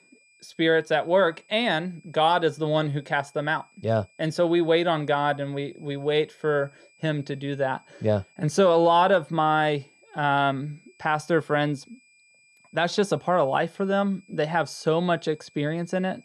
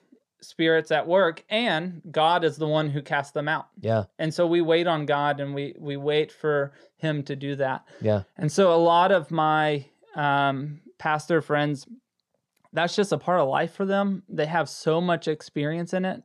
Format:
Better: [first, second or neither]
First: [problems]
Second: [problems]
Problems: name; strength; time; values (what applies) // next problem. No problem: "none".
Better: second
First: high-pitched whine; faint; throughout; 2.5 kHz, 35 dB below the speech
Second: none